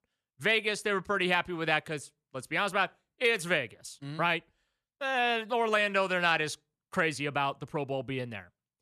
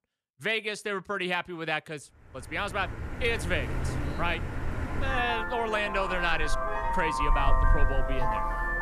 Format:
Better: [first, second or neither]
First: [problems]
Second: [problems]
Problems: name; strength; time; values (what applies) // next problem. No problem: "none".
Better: first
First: none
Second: traffic noise; loud; from 2.5 s on; as loud as the speech